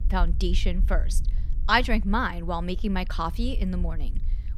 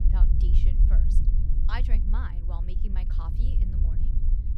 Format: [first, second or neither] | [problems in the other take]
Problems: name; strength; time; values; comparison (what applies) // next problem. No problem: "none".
first | low rumble; loud; throughout; 3 dB below the speech; faint in the first